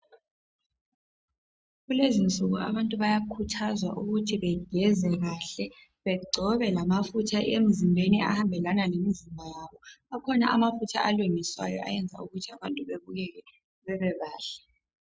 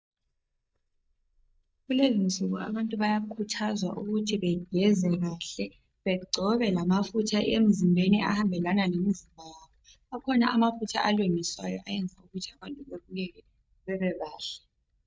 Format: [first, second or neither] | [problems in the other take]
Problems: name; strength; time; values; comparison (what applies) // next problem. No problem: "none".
first | noise reduction (neural mask model DeepFilterNet 3)